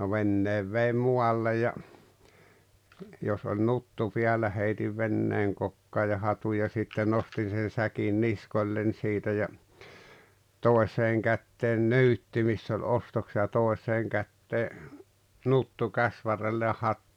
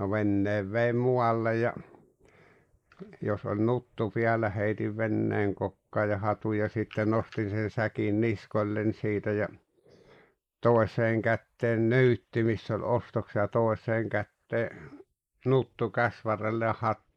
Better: first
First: none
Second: noise reduction (neural mask model Resemble Enhance denoiser)

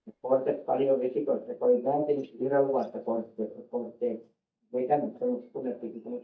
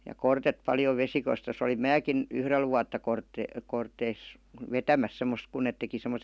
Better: second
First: noise reduction (neural mask model DeepFilterNet 3)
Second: none

